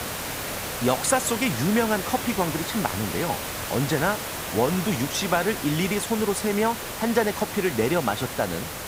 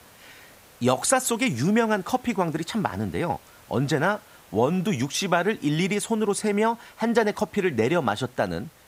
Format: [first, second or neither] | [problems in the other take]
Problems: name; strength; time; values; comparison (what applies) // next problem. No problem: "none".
second | hiss; loud; throughout; 5 dB below the speech; faint in the second